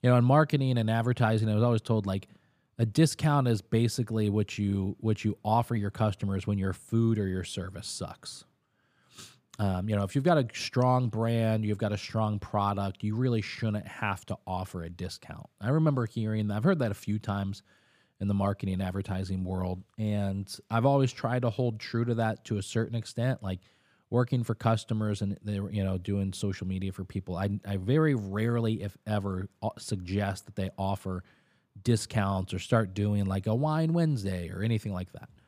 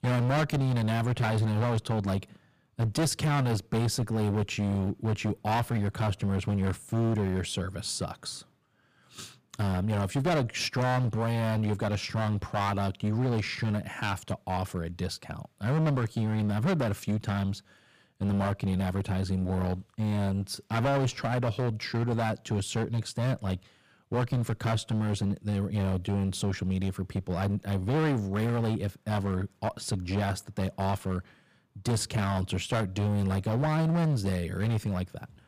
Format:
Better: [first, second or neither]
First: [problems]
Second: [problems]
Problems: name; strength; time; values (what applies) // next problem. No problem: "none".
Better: first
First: none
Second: distortion; heavy; 16% of the sound clipped